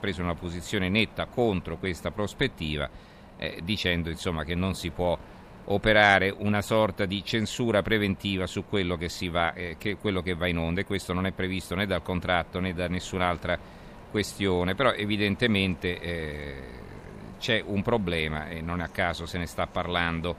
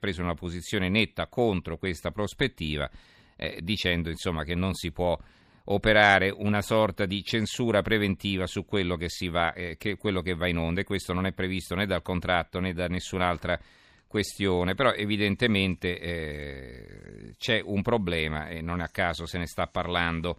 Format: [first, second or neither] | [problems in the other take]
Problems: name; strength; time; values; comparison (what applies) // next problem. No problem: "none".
second | wind noise on the microphone; occasional gusts; 20 dB below the speech